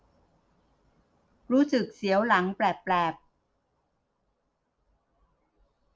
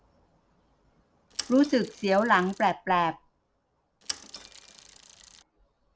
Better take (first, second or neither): first